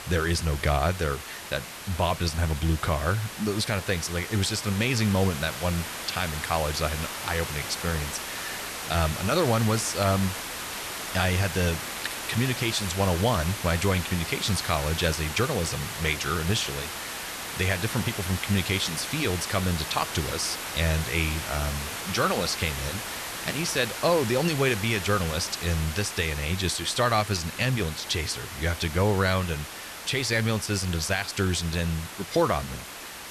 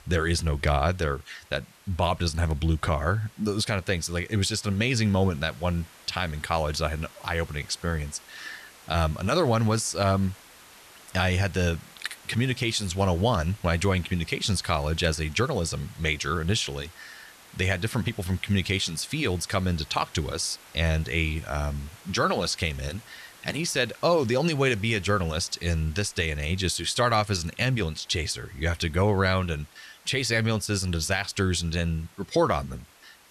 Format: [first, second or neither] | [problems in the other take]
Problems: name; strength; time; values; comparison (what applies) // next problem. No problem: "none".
second | hiss; loud; throughout; 7 dB below the speech; faint in the second